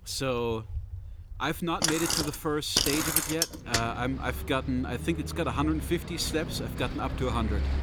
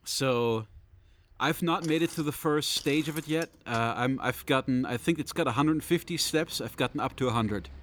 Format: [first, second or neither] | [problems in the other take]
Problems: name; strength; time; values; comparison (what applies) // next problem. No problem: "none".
second | traffic noise; loud; throughout; as loud as the speech; faint in the second